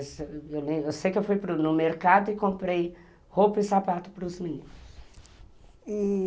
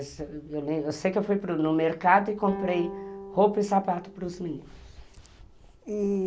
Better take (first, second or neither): first